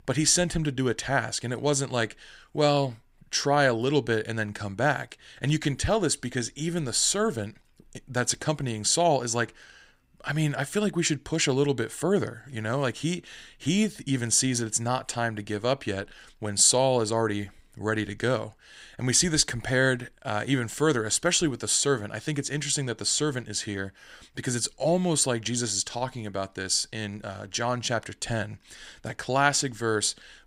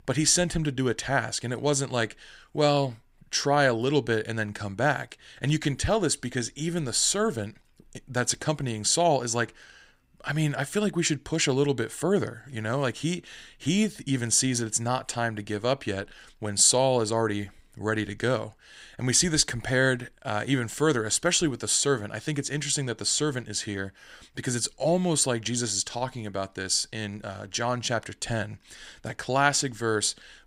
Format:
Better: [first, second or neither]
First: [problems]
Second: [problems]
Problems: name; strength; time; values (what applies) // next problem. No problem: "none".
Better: neither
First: none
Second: none